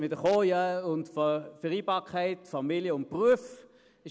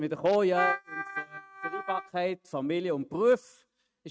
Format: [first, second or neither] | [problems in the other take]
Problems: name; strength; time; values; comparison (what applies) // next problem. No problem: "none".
first | noise reduction (neural mask model RNNoise)